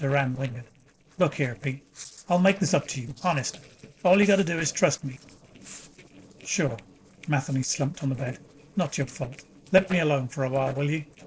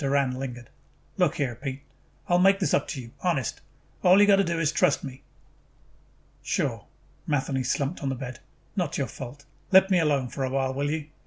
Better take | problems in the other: second | noise reduction (neural separator model SepFormer DNS4)

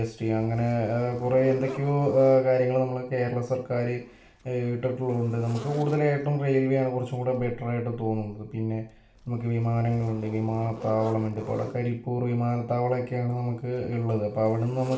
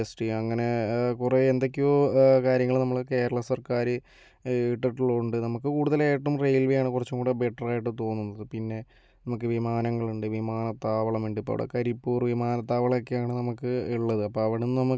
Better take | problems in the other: second | background sound (Zipper (clothing)); 20 dB below the speech // room echo; dies away in 0.4 s

